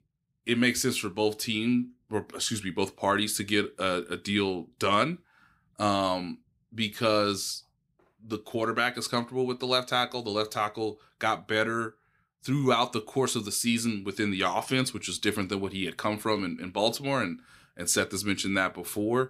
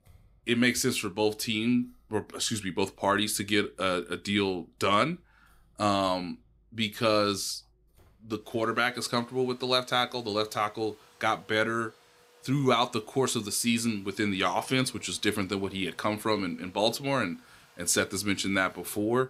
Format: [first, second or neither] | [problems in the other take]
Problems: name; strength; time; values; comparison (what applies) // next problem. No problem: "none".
first | household noises; faint; throughout; 30 dB below the speech